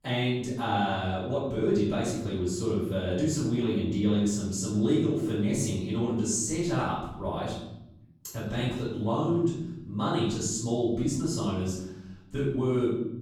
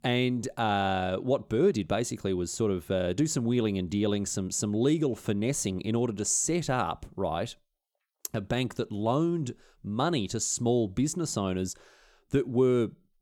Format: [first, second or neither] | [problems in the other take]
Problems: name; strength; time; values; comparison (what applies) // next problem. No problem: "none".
second | off-mic speech; far // room echo; noticeable; dies away in 0.9 s